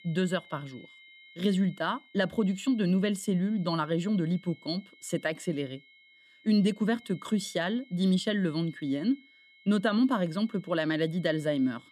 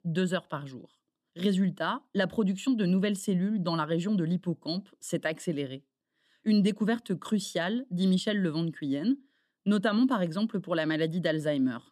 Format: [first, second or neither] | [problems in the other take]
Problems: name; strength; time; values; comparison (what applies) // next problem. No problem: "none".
second | high-pitched whine; faint; throughout; 2 kHz, 25 dB below the speech